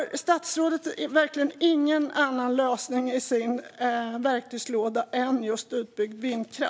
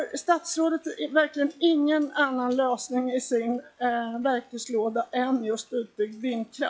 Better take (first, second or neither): first